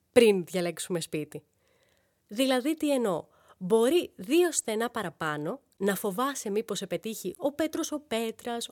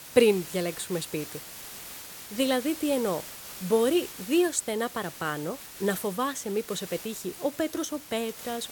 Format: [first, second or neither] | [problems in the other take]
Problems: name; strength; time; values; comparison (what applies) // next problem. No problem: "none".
first | hiss; noticeable; throughout; 10 dB below the speech